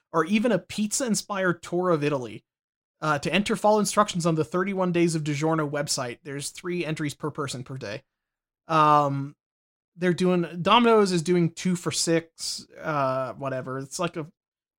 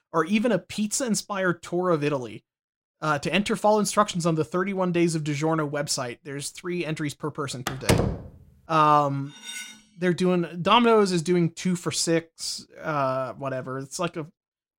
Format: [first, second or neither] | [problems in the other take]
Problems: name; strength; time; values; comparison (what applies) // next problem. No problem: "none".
first | door banging; loud; at 7.5 s; peak 2 dB above the speech // clattering dishes; faint; at 9.5 s; peak 10 dB below the speech